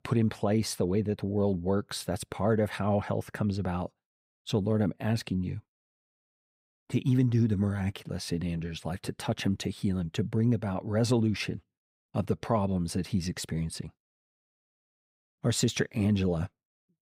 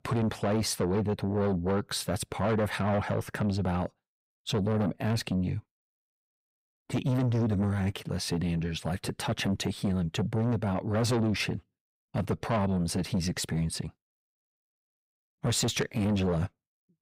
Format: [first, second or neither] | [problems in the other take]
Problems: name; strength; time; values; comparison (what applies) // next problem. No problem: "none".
first | distortion; heavy; 8 dB below the speech